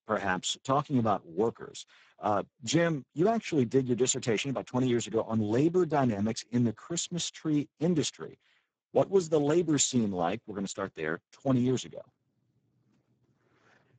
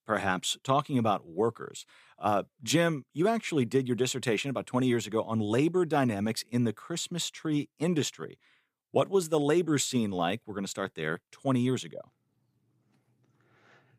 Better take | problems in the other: second | garbled, watery; badly; nothing above 7.5 kHz

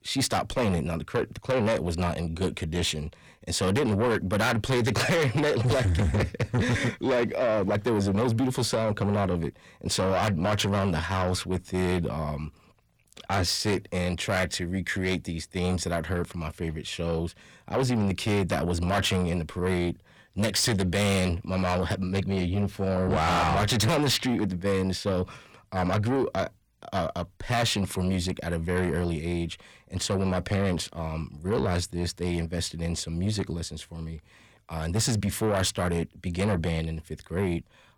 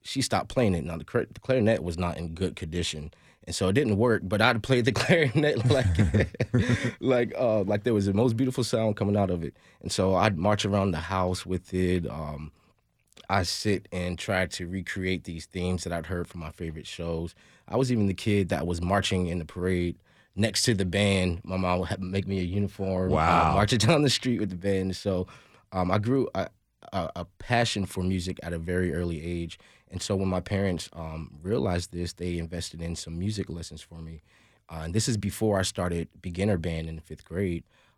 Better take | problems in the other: second | distortion; heavy; 7 dB below the speech

